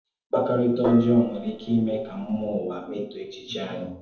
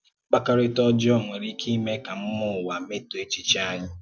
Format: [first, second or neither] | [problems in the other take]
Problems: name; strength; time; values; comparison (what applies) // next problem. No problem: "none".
second | noise reduction (neural separator model SepFormer DNS4)